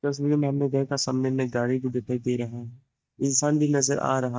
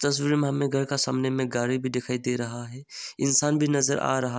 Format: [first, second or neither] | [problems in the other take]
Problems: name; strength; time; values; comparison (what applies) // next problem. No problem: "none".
second | noise reduction (neural mask model DeepFilterNet 3)